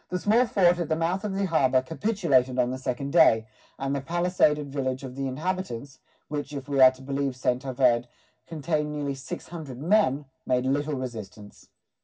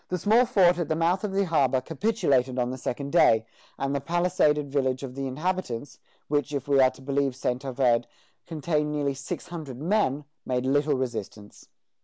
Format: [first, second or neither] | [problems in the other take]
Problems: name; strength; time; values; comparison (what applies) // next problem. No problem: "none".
second | room echo; dies away in 0.4 s